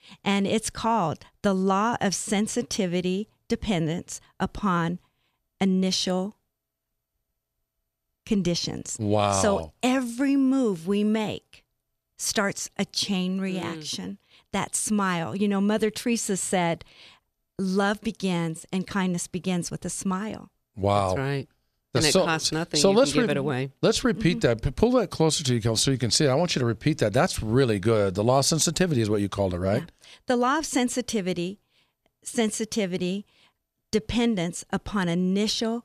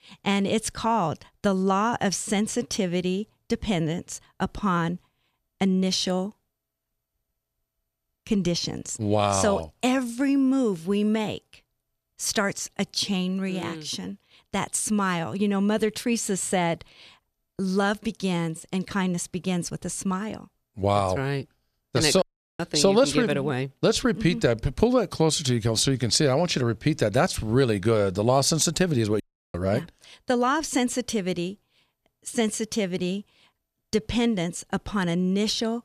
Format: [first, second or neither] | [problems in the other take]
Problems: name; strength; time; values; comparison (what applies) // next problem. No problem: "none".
first | audio cutting out; at 22 s and at 29 s